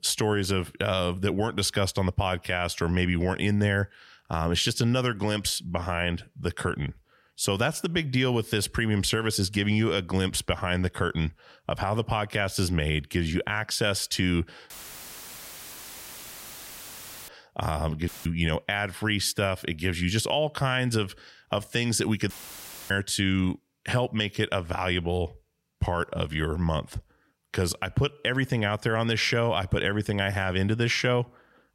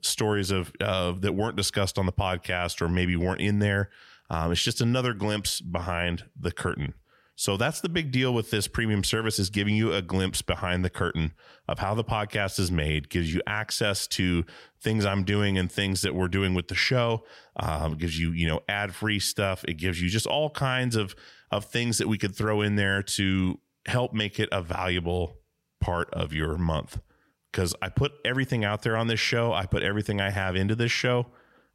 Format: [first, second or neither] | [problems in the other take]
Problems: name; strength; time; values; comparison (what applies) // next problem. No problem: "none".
second | audio cutting out; filled with static; at 15 s for 2.5 s, at 18 s and at 22 s for 0.5 s